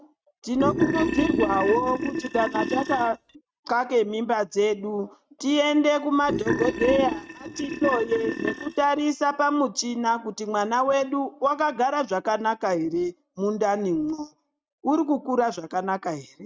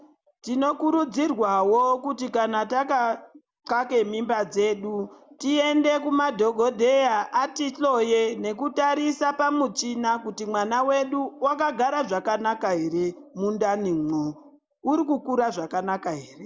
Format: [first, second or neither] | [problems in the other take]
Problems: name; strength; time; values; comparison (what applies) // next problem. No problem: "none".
second | noise reduction (neural mask model RNNoise)